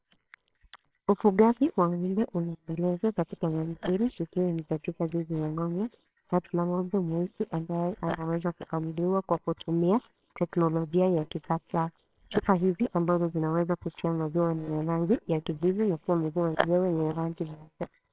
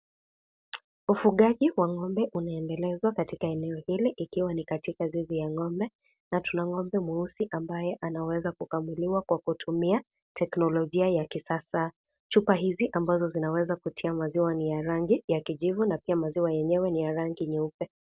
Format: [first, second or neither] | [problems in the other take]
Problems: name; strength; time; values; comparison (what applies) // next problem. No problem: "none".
second | noise reduction (neural separator model SepFormer WHAMR!)